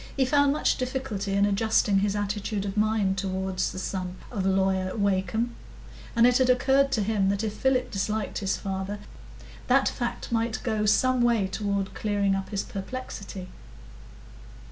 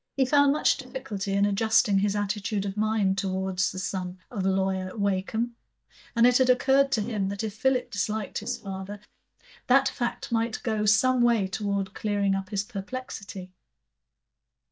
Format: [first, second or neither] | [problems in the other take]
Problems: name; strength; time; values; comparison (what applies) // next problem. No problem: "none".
first | noise reduction (neural mask model DeepFilterNet 3)